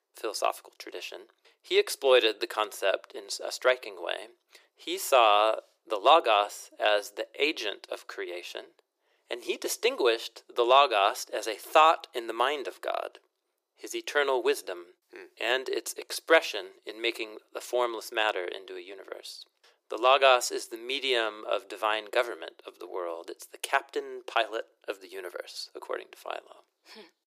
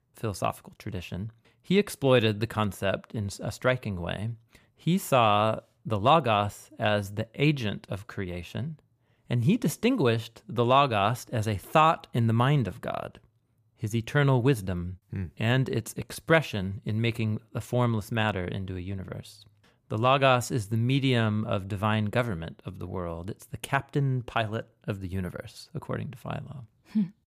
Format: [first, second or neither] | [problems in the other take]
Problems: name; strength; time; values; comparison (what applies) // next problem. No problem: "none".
second | thin; very; fading below 350 Hz